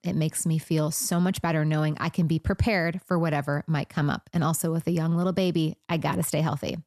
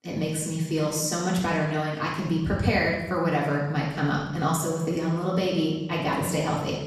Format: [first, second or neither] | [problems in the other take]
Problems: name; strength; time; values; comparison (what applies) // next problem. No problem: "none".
first | room echo; strong; dies away in 0.9 s // off-mic speech; far